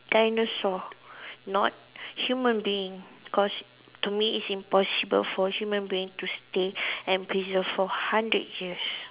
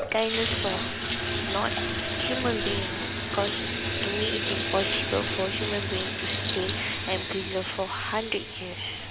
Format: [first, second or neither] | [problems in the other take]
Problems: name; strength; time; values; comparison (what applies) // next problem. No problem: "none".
first | background sound (Bathtub (filling or washing) / Water tap, faucet); 1 dB above the speech